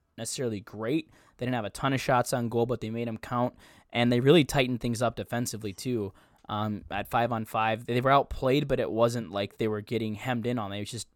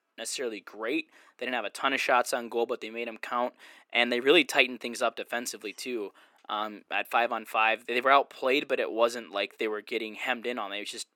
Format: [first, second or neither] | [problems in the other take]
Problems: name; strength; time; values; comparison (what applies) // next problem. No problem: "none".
first | thin; somewhat; fading below 300 Hz